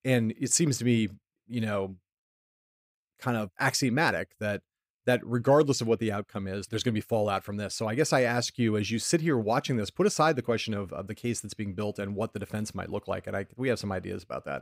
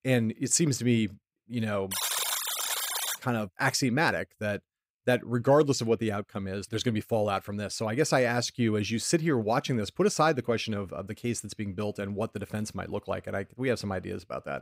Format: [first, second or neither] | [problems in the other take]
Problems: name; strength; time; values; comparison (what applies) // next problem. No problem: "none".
first | alarm; loud; from 2 to 3 s; peak 2 dB above the speech